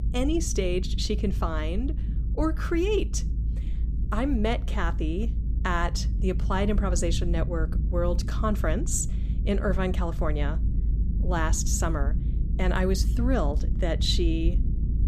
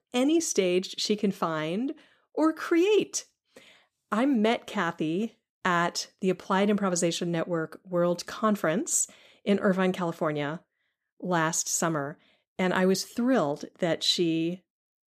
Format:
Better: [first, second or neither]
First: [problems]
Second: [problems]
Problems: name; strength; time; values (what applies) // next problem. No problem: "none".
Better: second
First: low rumble; noticeable; throughout; 15 dB below the speech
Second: none